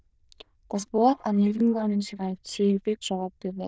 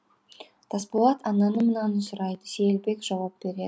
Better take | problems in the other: second | noise reduction (neural diffusion model UNIVERSE++)

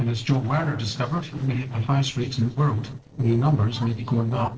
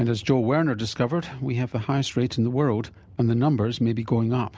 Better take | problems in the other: second | noise reduction (neural separator model SepFormer DNS4)

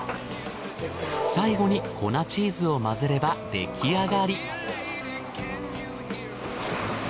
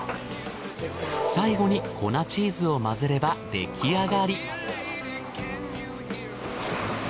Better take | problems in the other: second | background sound (Breathing); 18 dB below the speech

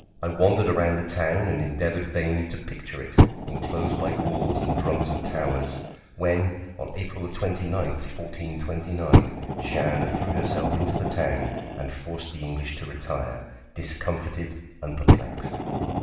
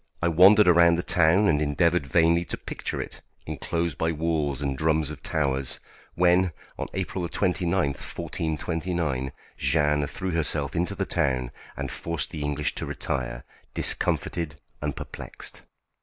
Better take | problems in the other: second | background sound (Fire); 1 dB above the speech // room echo; dies away in 0.9 s

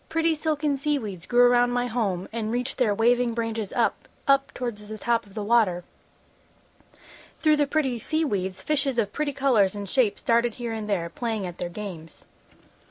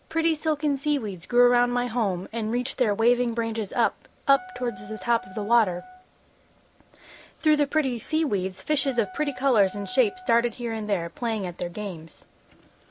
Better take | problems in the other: first | background sound (Wind instrument, woodwind instrument); 18 dB below the speech

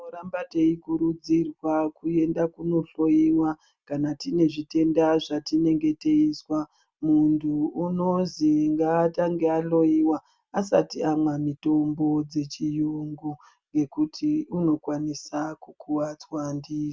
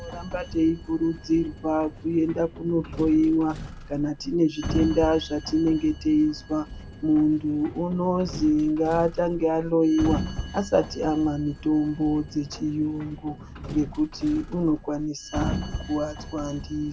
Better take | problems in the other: first | background sound (Sliding door); 11 dB below the speech

